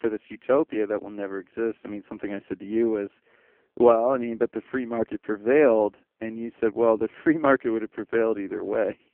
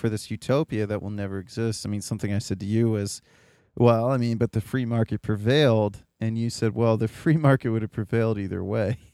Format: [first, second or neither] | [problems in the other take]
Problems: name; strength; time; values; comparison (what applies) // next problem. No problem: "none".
second | phone-call audio; poor line